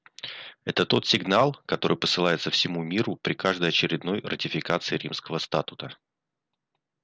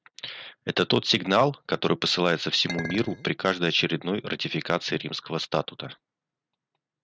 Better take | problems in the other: first | noise reduction (neural mask model RNNoise)

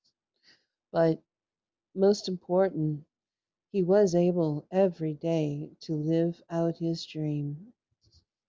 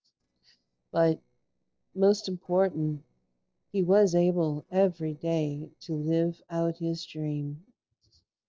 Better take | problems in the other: first | noise reduction (neural separator model SepFormer DNS4)

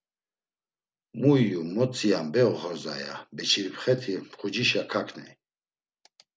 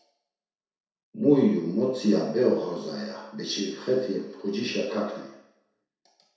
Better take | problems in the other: first | room echo; dies away in 0.7 s

